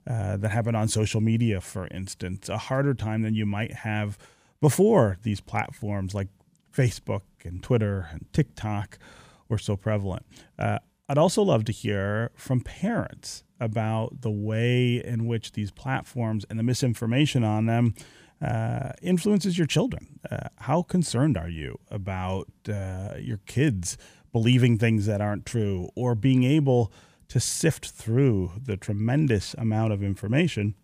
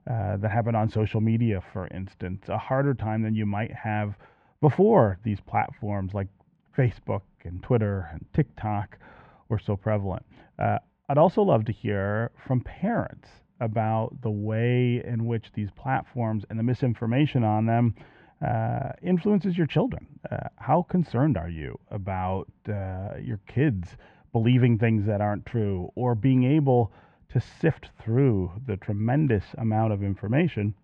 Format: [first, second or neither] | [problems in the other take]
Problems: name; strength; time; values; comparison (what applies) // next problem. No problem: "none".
first | muffled; very; fading above 2.5 kHz